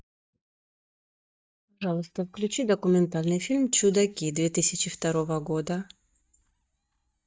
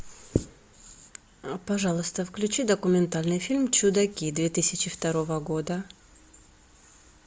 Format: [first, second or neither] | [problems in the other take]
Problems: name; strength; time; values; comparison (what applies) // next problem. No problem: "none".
second | noise reduction (neural mask model DeepFilterNet 3)